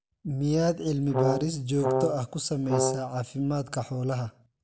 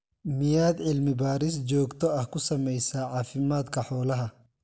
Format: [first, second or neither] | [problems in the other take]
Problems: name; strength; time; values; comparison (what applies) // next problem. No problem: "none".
second | background sound (Brass instrument); as loud as the speech